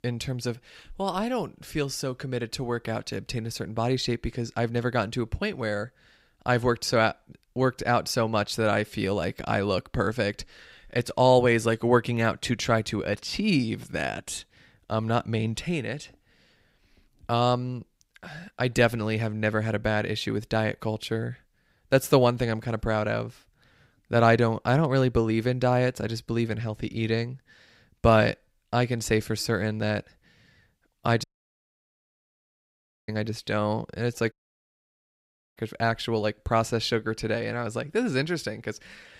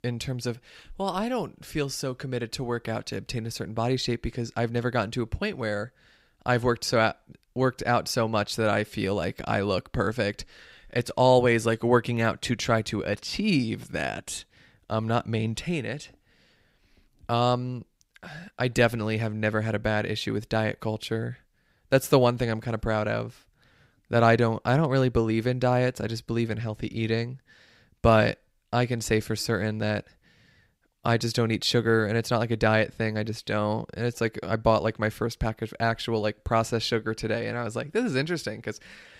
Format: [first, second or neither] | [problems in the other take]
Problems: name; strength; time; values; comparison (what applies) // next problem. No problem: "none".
second | audio cutting out; at 31 s for 2 s and at 34 s for 1 s